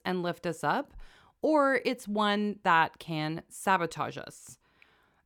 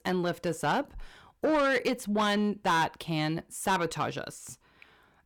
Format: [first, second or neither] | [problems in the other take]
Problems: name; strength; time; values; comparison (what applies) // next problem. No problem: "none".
first | distortion; heavy; 8 dB below the speech